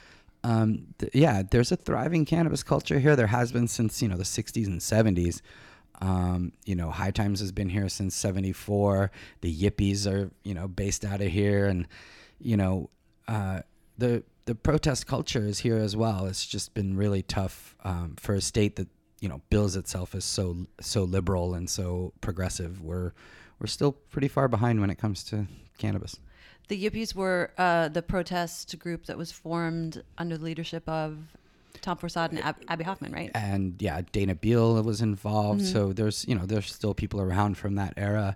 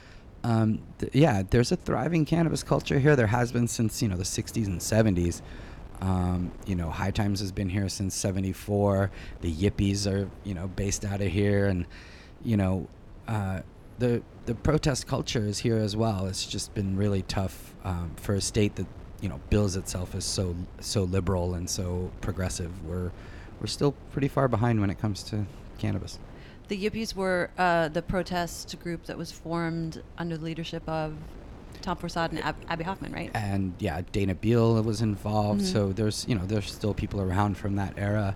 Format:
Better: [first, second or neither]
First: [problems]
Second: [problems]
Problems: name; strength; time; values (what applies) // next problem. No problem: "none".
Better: first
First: none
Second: wind noise on the microphone; occasional gusts; 20 dB below the speech